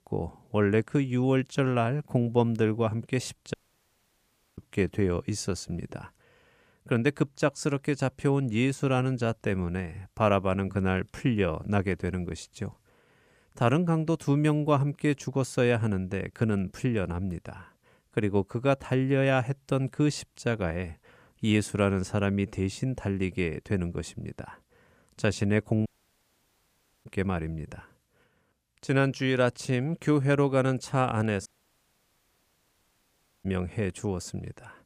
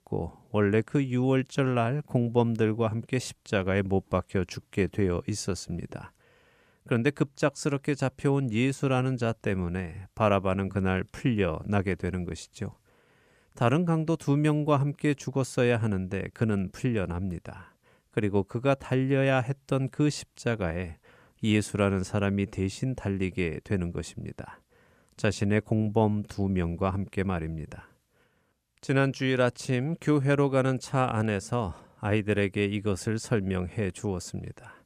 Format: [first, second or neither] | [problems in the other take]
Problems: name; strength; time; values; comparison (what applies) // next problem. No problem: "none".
second | audio cutting out; at 3.5 s for 1 s, at 26 s for 1 s and at 31 s for 2 s